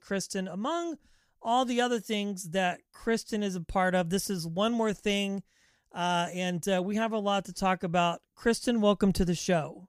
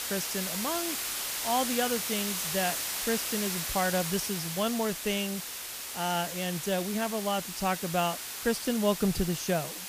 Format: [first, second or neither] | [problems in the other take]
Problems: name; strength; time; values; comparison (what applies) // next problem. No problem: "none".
first | hiss; loud; throughout; 2 dB below the speech